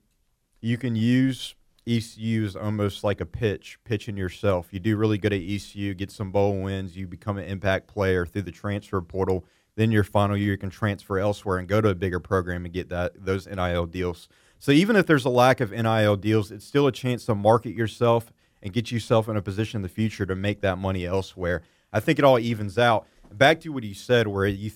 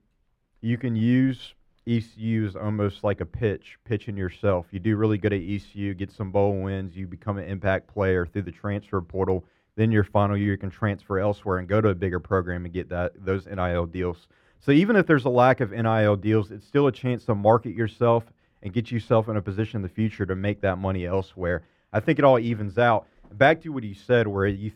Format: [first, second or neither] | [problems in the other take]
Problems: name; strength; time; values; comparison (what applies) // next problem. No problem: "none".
first | muffled; slightly; fading above 4 kHz